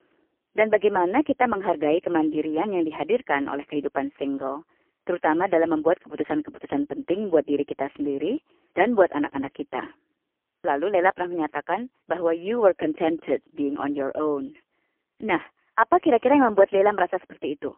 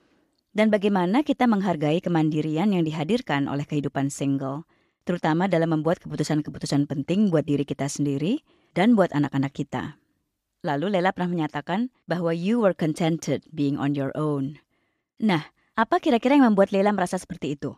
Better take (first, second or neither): second